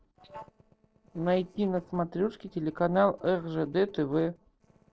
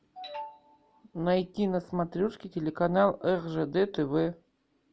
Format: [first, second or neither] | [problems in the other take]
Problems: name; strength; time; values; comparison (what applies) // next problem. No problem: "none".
second | noise reduction (neural separator model SepFormer DNS4)